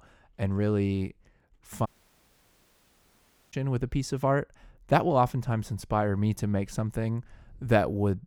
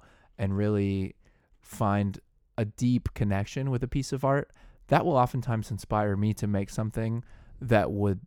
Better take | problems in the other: second | audio cutting out; at 2 s for 1.5 s

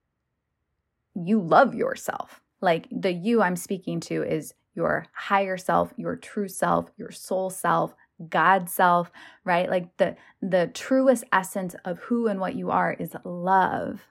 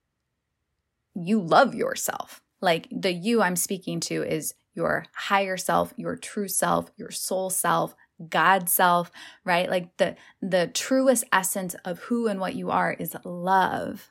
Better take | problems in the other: second | muffled; slightly; fading above 2.5 kHz

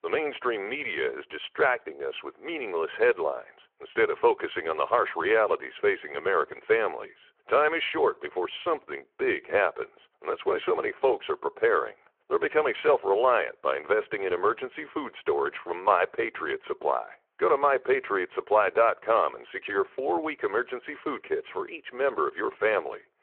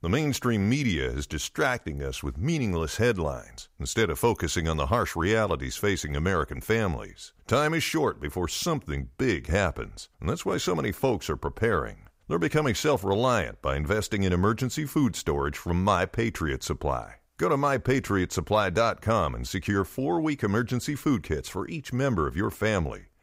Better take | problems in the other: second | phone-call audio

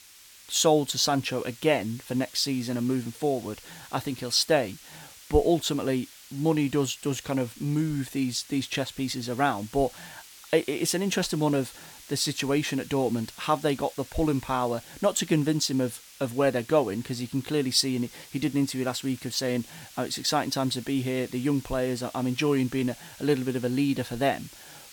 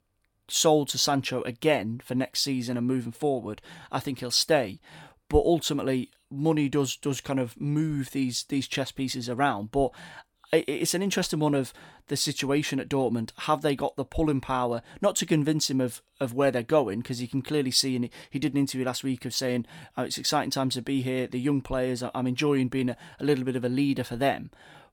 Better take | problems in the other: second | hiss; noticeable; throughout; 20 dB below the speech

